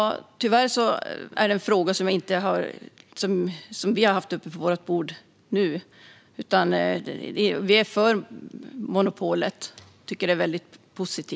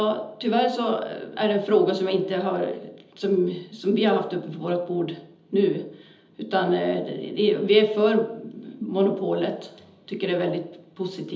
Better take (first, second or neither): first